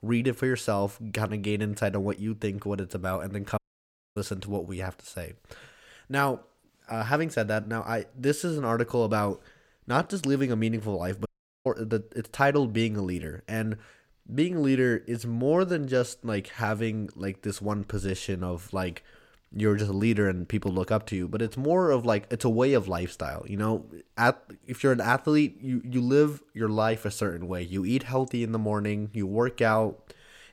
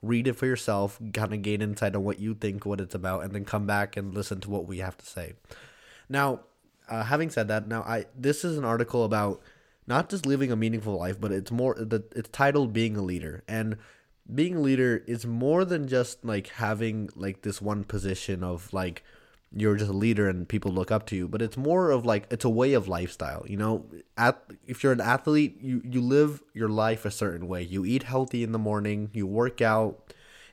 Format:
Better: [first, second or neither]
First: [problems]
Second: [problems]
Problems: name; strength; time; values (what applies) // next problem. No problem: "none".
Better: second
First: audio cutting out; at 3.5 s for 0.5 s and at 11 s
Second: none